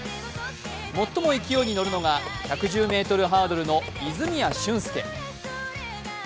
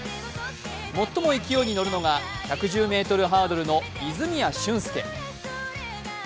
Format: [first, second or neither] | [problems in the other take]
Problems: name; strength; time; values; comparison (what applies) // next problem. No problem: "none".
second | background sound (Computer keyboard); 15 dB below the speech